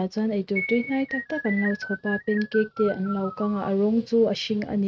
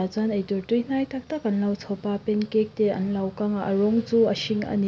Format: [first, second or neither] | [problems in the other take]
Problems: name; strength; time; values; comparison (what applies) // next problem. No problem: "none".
second | noise reduction (neural mask model RNNoise)